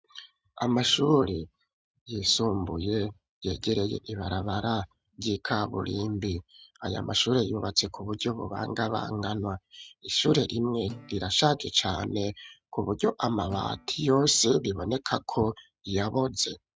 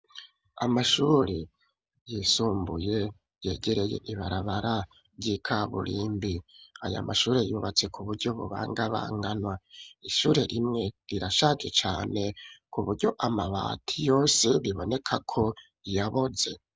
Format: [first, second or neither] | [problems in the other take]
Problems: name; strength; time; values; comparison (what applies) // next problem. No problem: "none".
second | noise reduction (neural mask model RNNoise)